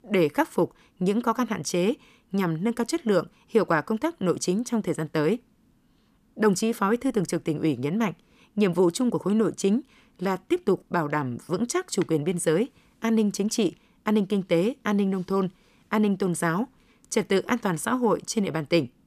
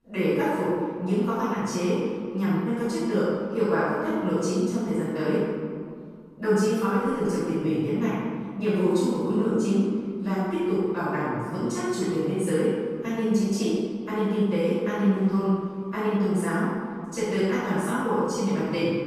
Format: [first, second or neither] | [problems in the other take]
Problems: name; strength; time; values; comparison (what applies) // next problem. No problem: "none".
first | off-mic speech; far // room echo; strong; dies away in 1.9 s